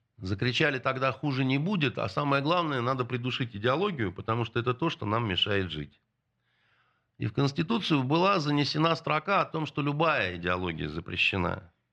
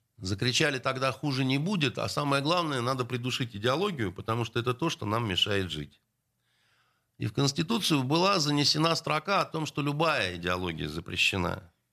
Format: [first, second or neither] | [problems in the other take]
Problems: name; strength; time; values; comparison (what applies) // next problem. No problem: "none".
second | muffled; slightly; fading above 2.5 kHz